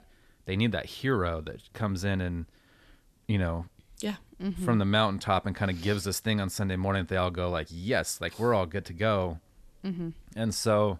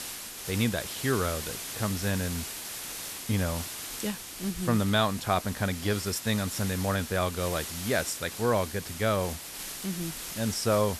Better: first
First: none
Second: hiss; loud; throughout; 7 dB below the speech

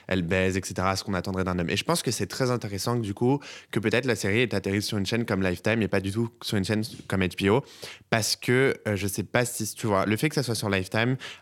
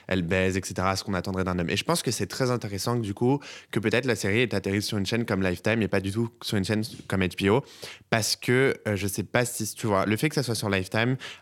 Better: neither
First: none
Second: none

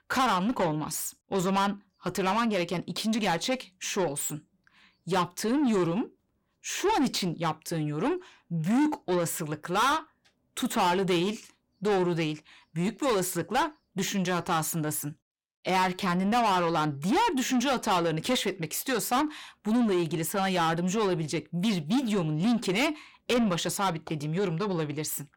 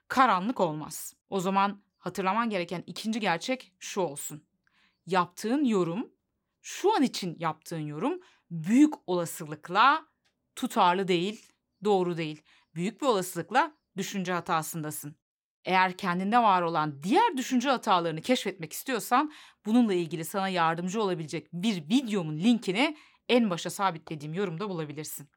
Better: second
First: distortion; heavy; 7 dB below the speech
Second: none

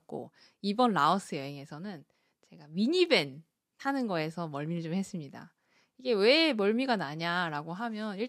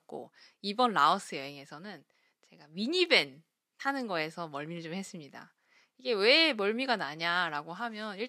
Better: first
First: none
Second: thin; very slightly; fading below 400 Hz

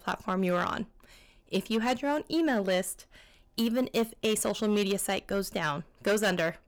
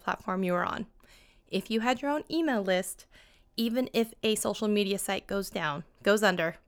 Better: second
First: distortion; slight; 6% of the sound clipped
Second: none

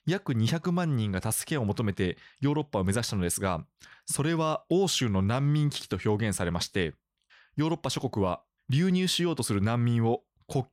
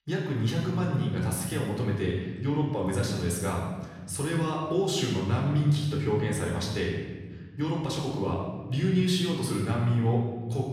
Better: first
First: none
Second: off-mic speech; far // room echo; noticeable; dies away in 1.4 s

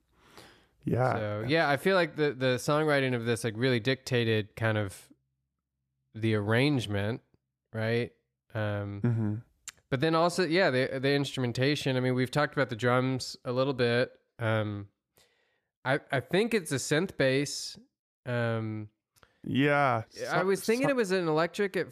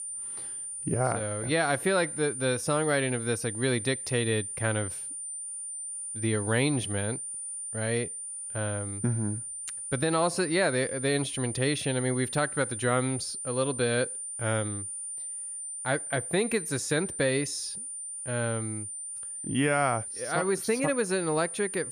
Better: first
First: none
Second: high-pitched whine; loud; throughout; 9 kHz, 5 dB below the speech

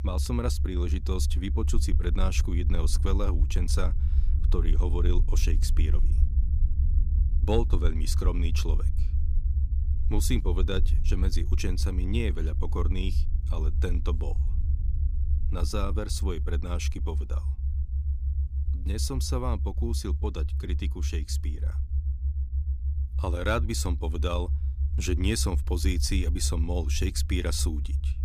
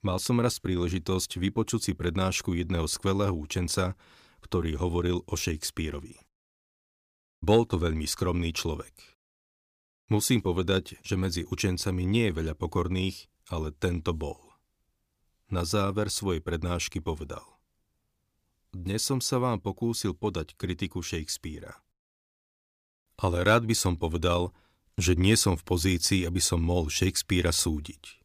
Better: second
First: low rumble; noticeable; throughout; 10 dB below the speech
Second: none

